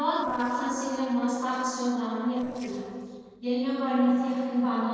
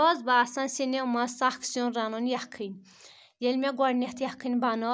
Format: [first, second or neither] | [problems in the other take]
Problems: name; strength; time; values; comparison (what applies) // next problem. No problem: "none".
second | noise reduction (neural separator model SepFormer DNS4)